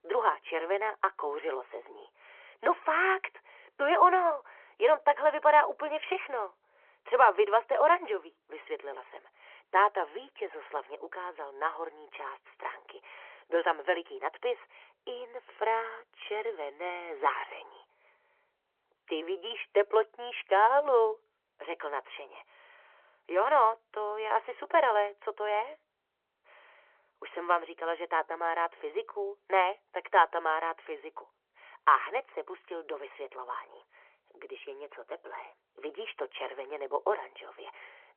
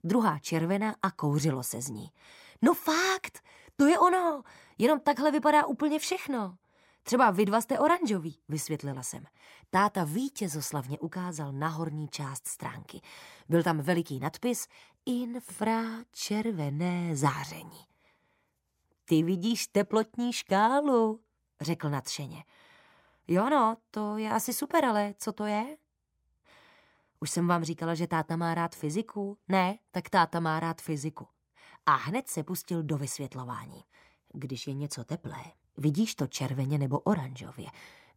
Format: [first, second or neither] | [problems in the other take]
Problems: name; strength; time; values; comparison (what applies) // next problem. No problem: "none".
second | phone-call audio